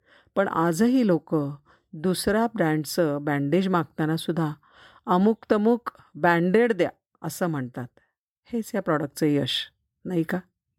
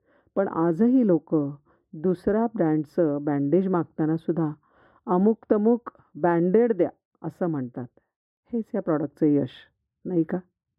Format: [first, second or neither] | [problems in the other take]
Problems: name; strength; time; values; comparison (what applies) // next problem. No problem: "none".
first | muffled; very; fading above 2.5 kHz